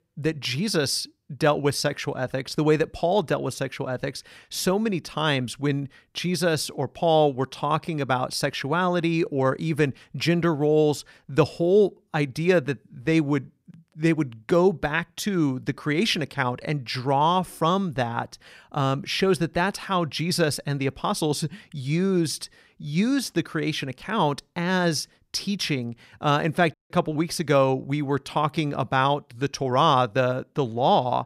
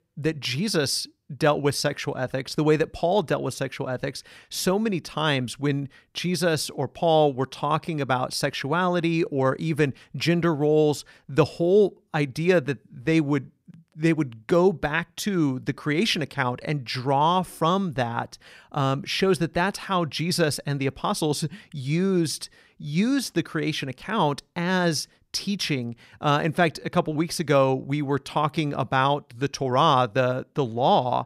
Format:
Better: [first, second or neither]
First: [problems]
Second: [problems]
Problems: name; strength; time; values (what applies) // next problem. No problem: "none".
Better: second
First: audio cutting out; at 27 s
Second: none